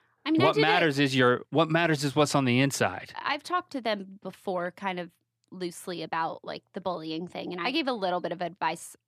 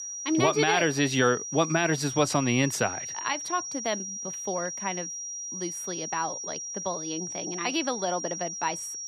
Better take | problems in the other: first | high-pitched whine; loud; throughout; 5.5 kHz, 5 dB below the speech

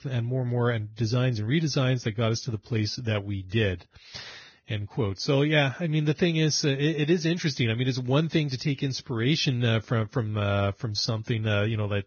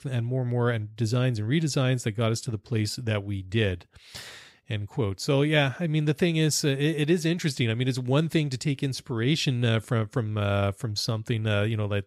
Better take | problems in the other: second | garbled, watery; badly; nothing above 6.5 kHz

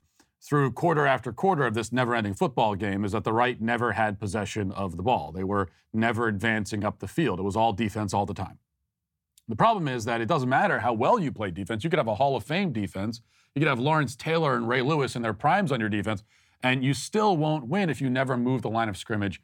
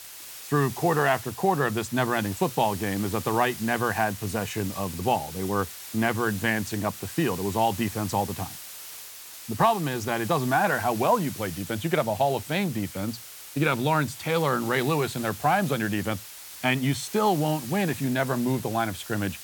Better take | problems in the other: first | hiss; noticeable; throughout; 10 dB below the speech

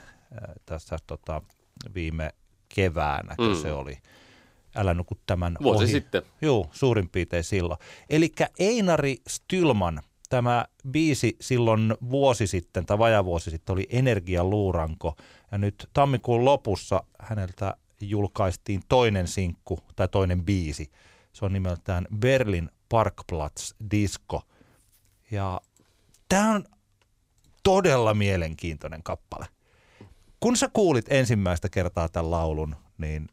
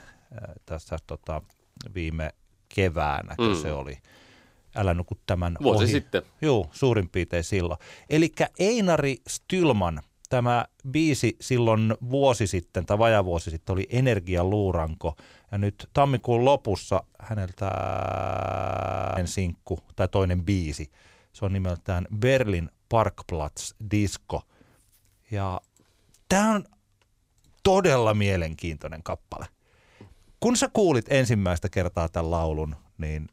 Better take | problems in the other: first | audio freezing; at 18 s for 1.5 s

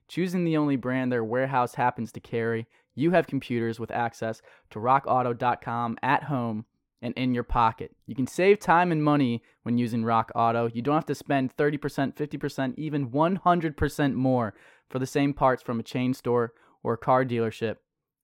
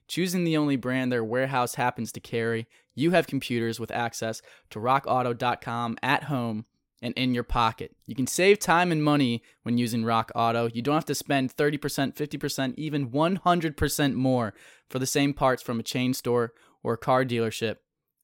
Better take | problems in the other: second | muffled; slightly; fading above 3 kHz

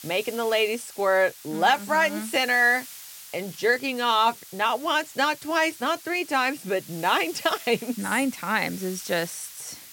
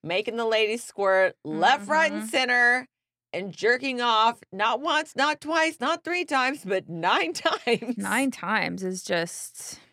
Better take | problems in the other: second | hiss; noticeable; throughout; 15 dB below the speech

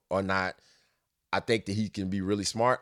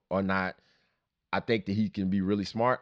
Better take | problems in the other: first | muffled; very slightly; fading above 4 kHz

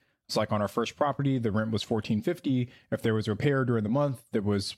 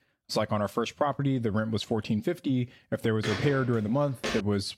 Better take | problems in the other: first | footsteps; noticeable; from 3 s on; peak 5 dB below the speech

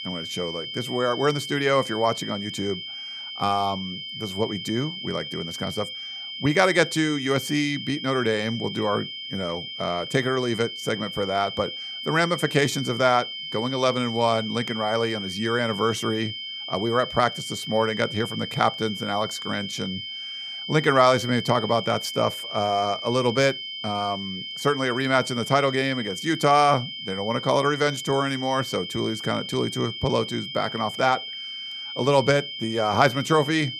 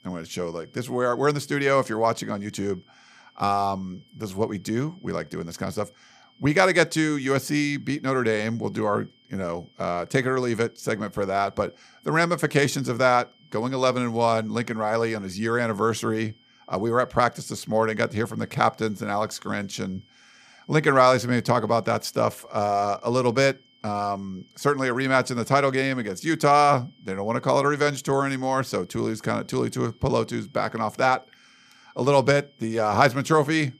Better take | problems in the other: second | high-pitched whine; loud; throughout; 3 kHz, 7 dB below the speech; faint in the second

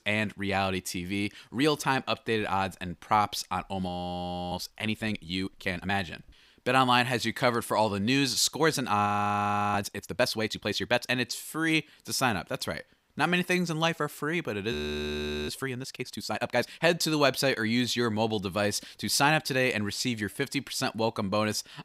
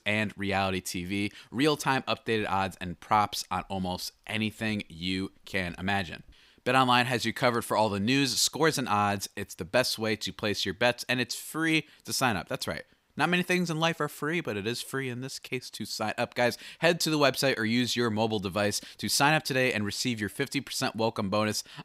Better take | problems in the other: second | audio freezing; at 4 s for 0.5 s, at 9 s for 0.5 s and at 15 s for 1 s

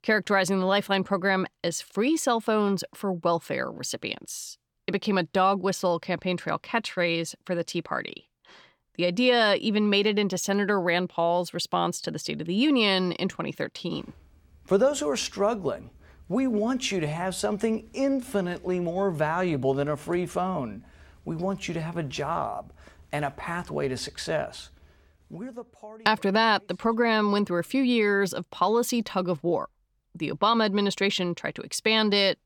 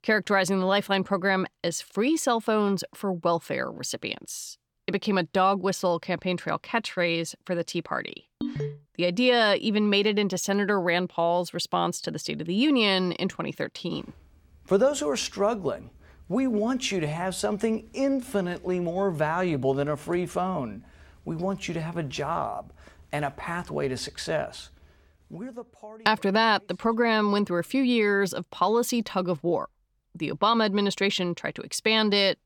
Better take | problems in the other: first | phone ringing; noticeable; at 8.5 s; peak 6 dB below the speech

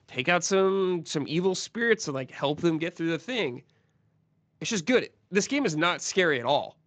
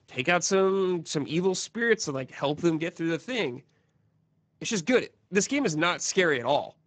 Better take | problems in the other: first | garbled, watery; badly; nothing above 7.5 kHz; slightly in the first

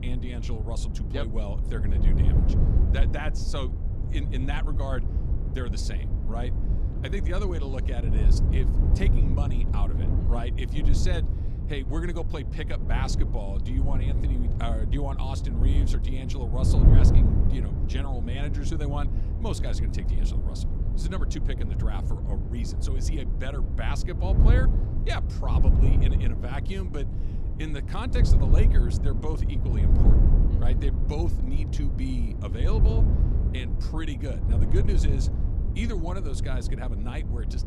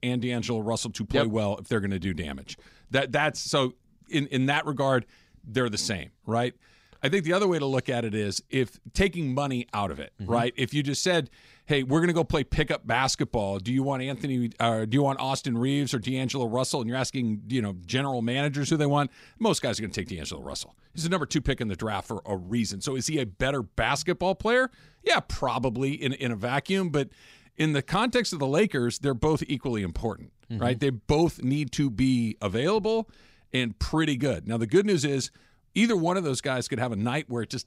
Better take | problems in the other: second | wind noise on the microphone; heavy; 3 dB below the speech

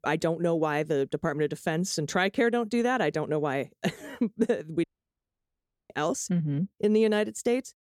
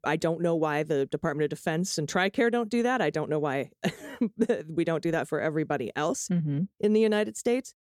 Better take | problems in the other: second | audio cutting out; at 5 s for 1 s

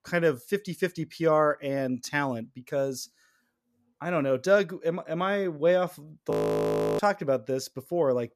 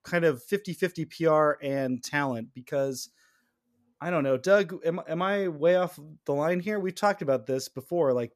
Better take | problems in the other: second | audio freezing; at 6.5 s for 0.5 s

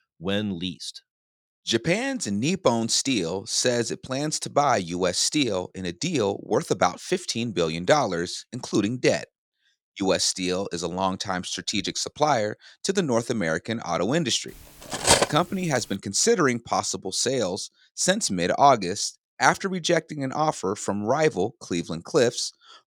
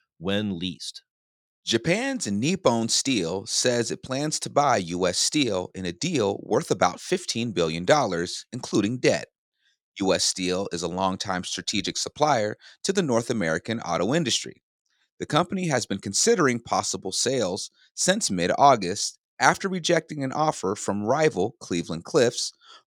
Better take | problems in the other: second | clattering dishes; loud; at 15 s; peak 5 dB above the speech

